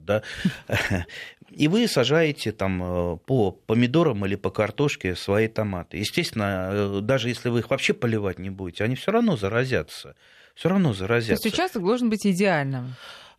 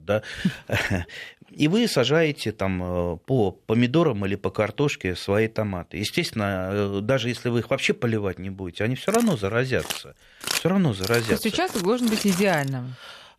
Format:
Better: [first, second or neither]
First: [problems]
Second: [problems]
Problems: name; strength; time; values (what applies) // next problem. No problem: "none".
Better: first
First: none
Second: footsteps; noticeable; from 9 to 13 s; peak 2 dB below the speech